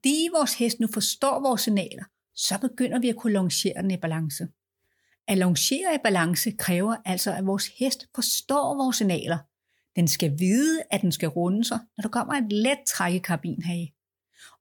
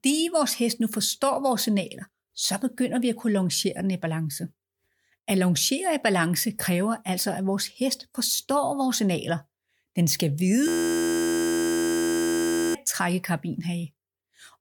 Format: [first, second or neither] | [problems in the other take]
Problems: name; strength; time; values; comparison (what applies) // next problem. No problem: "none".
first | audio freezing; at 11 s for 2 s